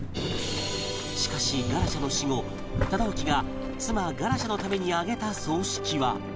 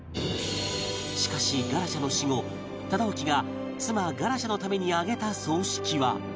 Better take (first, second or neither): second